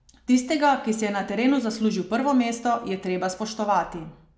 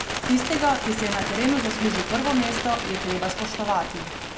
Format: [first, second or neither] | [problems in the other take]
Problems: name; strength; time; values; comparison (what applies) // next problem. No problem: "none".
first | background sound (Bird); 4 dB below the speech